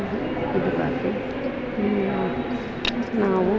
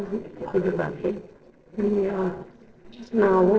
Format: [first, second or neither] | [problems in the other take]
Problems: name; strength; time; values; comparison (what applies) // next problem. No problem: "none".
first | noise reduction (neural separator model SepFormer DNS4)